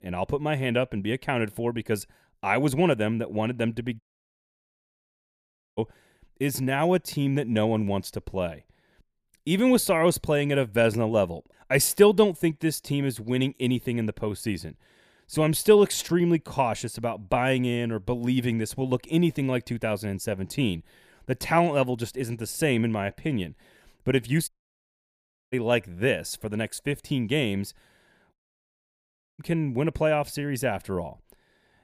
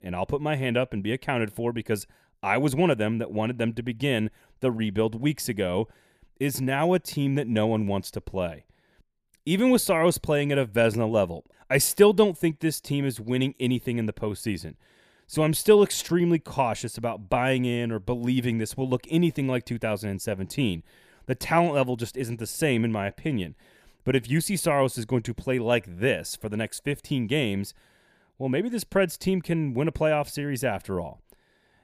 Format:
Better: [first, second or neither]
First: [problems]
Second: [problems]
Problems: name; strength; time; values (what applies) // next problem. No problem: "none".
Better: second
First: audio cutting out; at 4 s for 2 s, at 24 s for 1 s and at 28 s for 1 s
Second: none